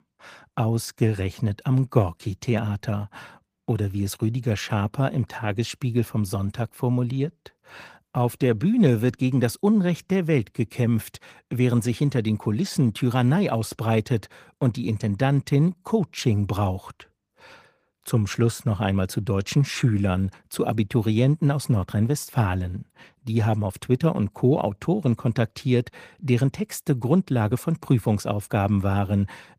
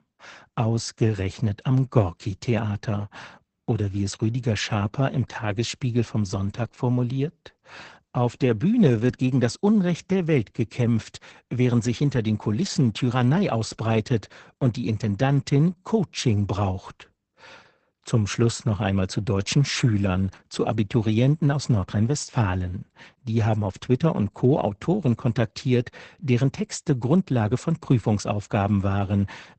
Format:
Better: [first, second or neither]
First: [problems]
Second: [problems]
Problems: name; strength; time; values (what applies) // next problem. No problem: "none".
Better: first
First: garbled, watery; slightly; nothing above 15 kHz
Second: garbled, watery; badly; nothing above 8 kHz